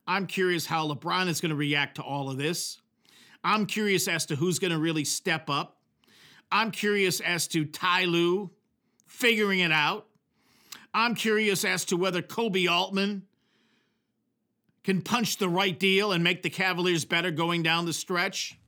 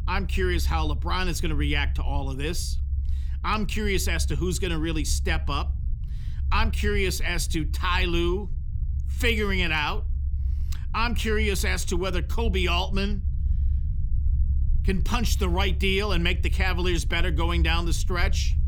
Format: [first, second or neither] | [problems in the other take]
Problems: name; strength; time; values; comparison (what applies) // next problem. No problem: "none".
first | low rumble; faint; throughout; 20 dB below the speech